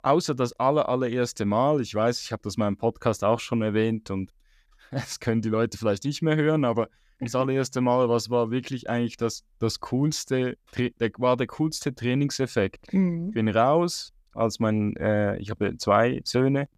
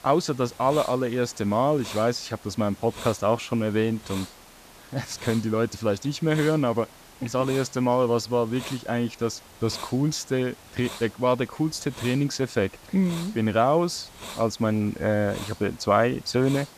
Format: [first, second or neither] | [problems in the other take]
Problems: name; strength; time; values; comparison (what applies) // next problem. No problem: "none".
first | hiss; noticeable; throughout; 15 dB below the speech